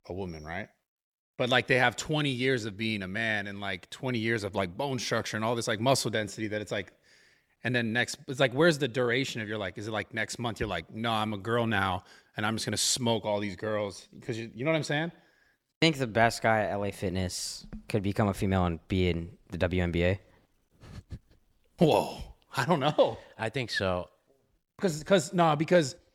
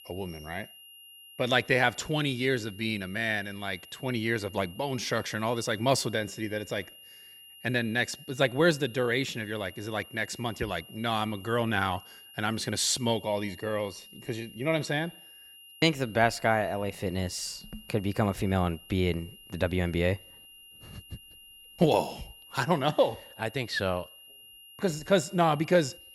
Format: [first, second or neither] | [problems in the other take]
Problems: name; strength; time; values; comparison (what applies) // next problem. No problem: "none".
first | high-pitched whine; noticeable; throughout; 3 kHz, 20 dB below the speech